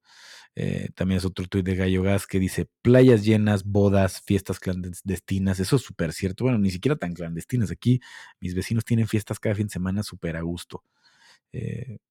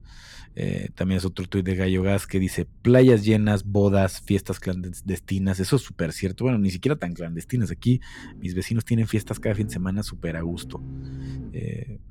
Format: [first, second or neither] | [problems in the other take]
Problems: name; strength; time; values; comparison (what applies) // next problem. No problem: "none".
first | low rumble; faint; throughout; 20 dB below the speech